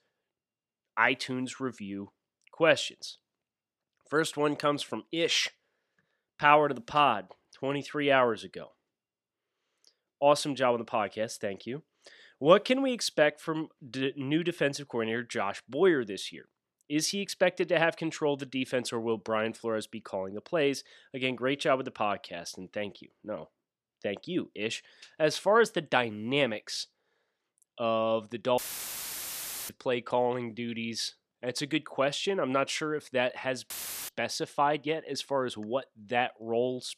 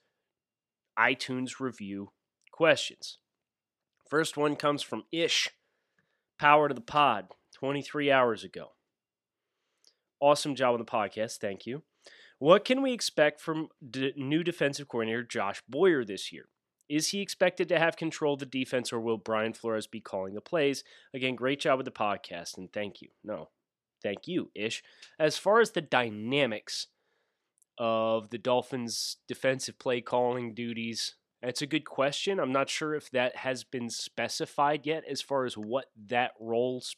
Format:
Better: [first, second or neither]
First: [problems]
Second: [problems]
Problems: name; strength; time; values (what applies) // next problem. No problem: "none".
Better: second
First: audio cutting out; filled with static; at 29 s for 1 s and at 34 s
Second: none